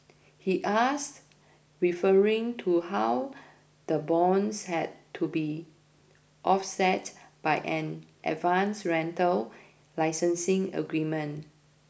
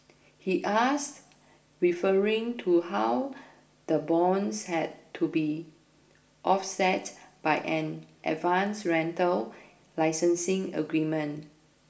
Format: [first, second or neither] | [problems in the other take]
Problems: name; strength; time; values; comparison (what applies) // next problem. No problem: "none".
first | room echo; dies away in 0.4 s